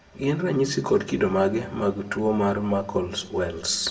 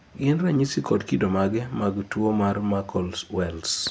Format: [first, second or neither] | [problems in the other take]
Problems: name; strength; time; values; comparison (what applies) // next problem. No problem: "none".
second | room echo; dies away in 1.4 s